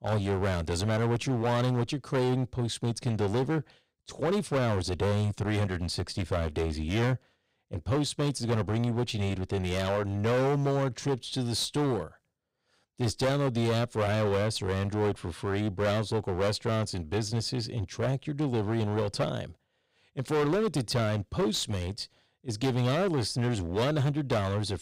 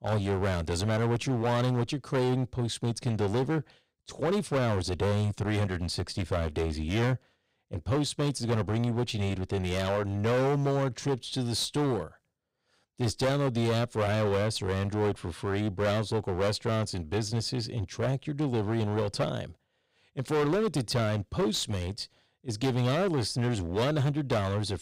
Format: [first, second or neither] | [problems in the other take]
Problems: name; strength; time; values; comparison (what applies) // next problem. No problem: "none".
neither | distortion; heavy; 16% of the sound clipped; the same in both